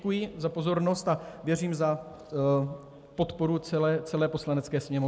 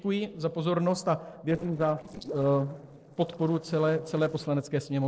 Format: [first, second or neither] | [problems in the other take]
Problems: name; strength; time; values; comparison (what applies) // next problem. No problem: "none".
first | noise reduction (neural separator model SepFormer DNS4)